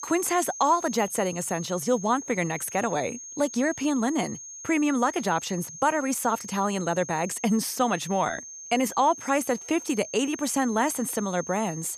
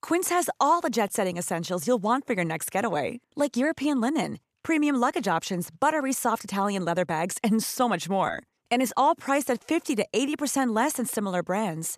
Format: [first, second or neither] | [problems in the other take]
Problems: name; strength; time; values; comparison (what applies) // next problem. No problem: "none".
second | high-pitched whine; noticeable; throughout; 6.5 kHz, 10 dB below the speech